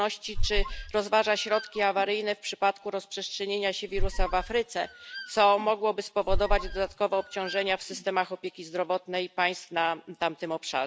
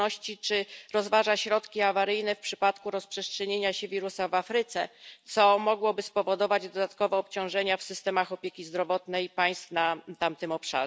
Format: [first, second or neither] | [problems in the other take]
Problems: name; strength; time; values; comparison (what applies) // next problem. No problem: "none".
second | background sound (Squeak); 3 dB below the speech